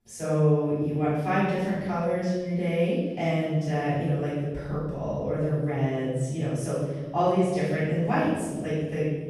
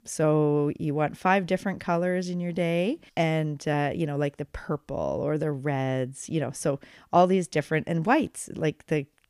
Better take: second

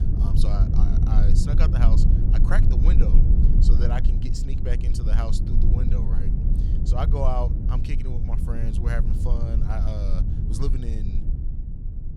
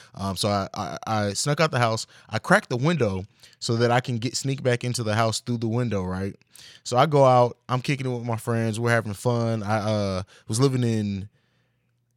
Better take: second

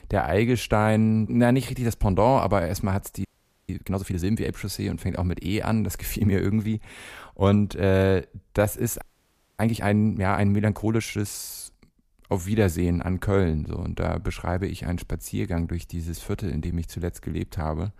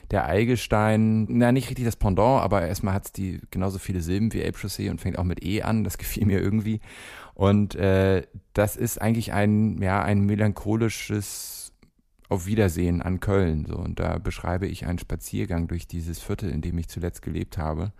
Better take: second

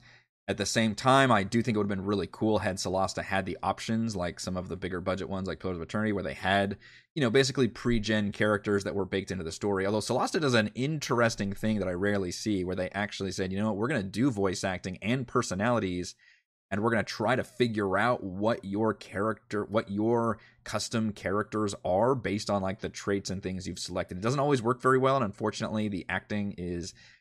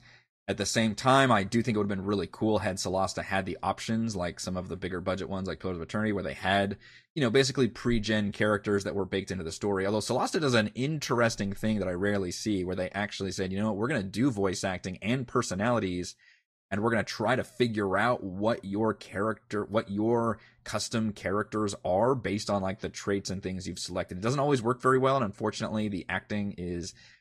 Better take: first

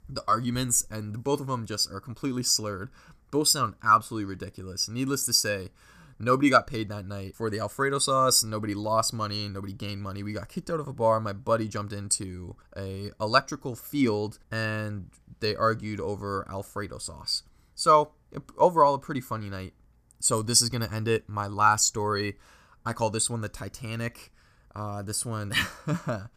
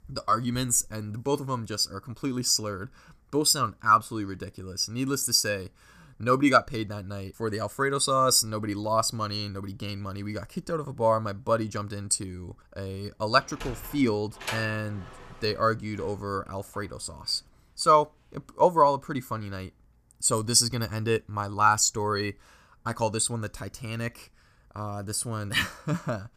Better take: first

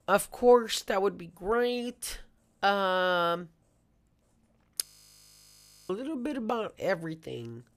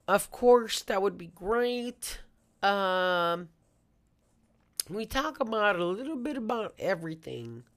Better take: second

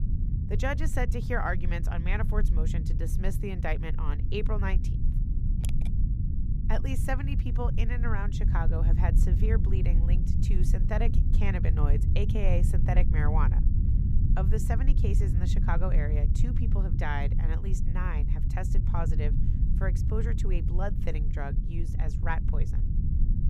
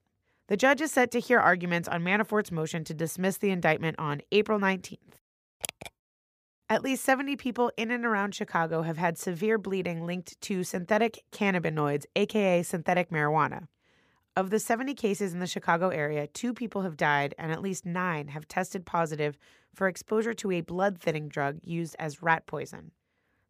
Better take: second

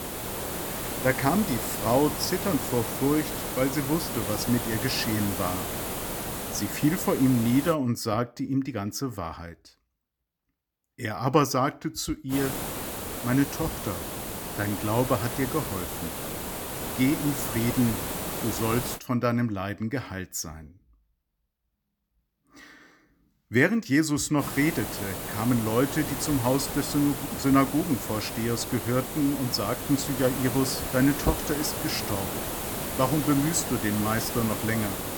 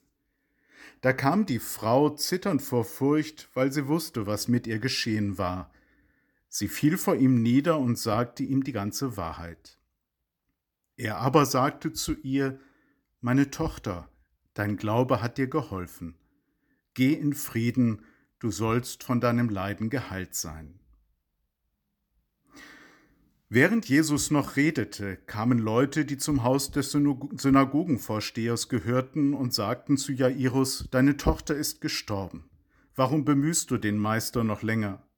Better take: second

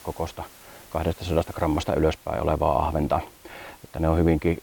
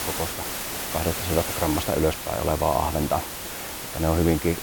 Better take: first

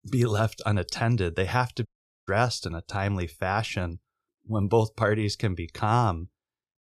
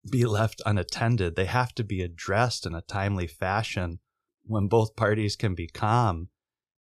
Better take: second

